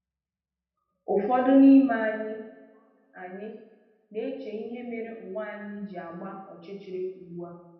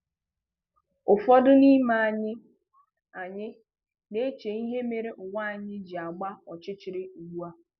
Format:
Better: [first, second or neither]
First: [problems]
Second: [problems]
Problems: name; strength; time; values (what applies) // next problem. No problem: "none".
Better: second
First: room echo; dies away in 0.9 s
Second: none